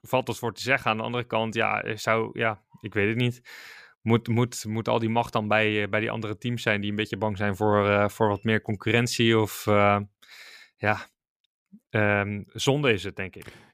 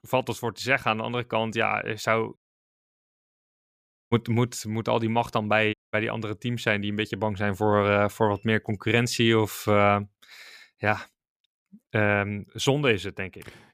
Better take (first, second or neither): first